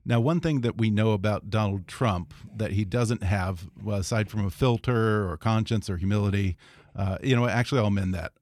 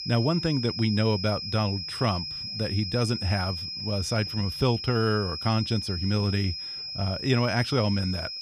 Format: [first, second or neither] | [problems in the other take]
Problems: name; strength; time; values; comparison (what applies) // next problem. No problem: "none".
first | high-pitched whine; loud; throughout; 5 kHz, 5 dB below the speech